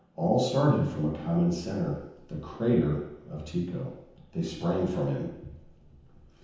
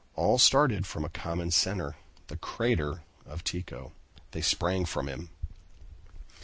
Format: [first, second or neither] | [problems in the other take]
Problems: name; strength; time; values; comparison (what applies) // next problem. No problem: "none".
second | room echo; dies away in 0.9 s